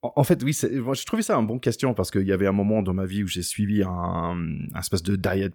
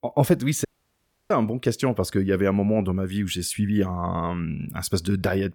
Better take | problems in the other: first | audio cutting out; at 0.5 s for 0.5 s

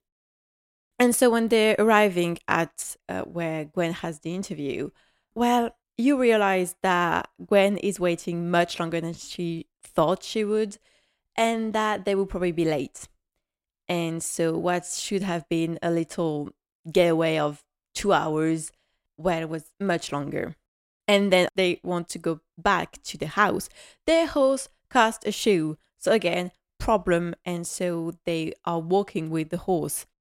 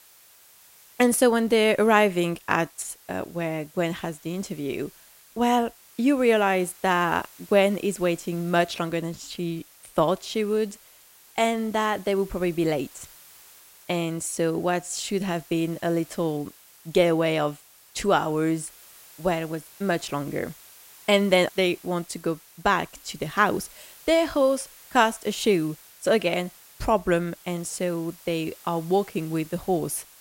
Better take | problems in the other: first | hiss; faint; throughout; 25 dB below the speech

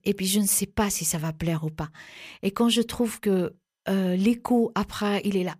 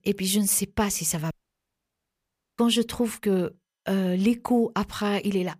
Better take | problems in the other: first | audio cutting out; at 1.5 s for 1.5 s

